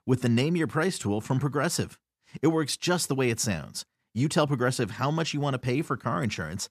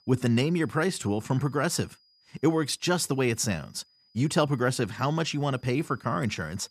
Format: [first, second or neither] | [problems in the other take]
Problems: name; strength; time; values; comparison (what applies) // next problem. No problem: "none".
first | high-pitched whine; faint; throughout; 5 kHz, 35 dB below the speech